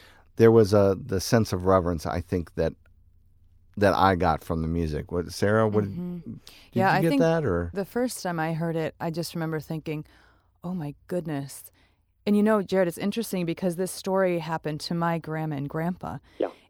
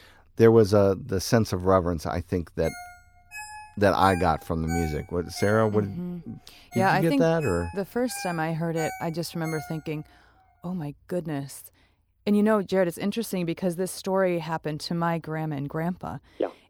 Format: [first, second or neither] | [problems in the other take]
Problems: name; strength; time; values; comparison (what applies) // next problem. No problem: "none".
first | phone ringing; noticeable; from 2.5 to 10 s; peak 10 dB below the speech